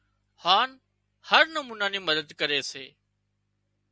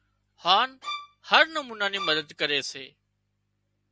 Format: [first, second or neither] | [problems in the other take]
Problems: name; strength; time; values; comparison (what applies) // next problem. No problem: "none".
first | background sound (Bowed string instrument); 10 dB below the speech